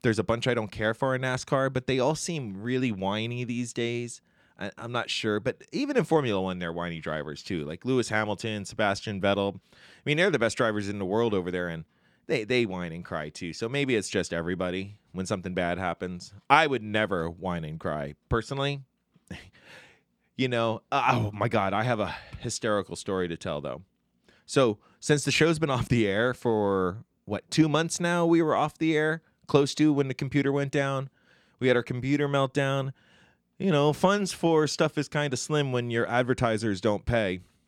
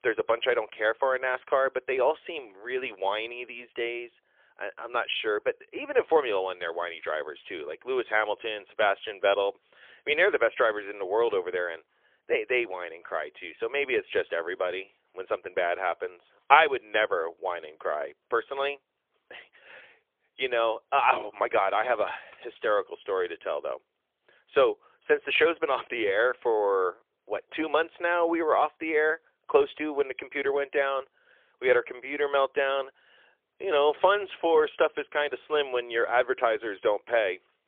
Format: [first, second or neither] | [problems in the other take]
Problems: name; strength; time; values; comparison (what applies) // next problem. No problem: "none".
first | phone-call audio; poor line; nothing above 3.5 kHz